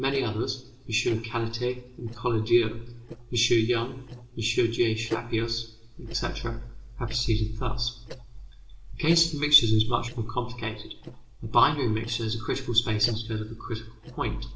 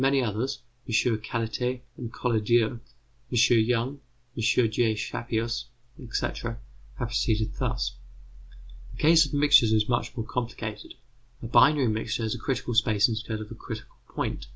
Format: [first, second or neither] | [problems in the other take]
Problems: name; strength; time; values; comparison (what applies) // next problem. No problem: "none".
second | noise reduction (neural separator model SepFormer DNS4)